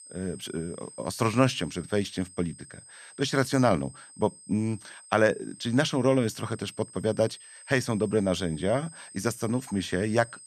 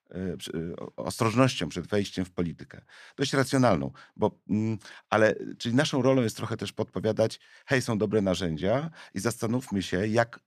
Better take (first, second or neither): second